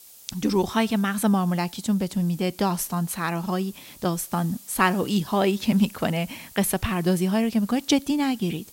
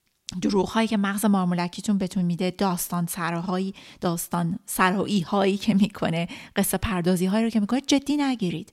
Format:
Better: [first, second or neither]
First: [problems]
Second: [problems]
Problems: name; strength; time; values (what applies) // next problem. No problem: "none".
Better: second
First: hiss; faint; throughout; 20 dB below the speech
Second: none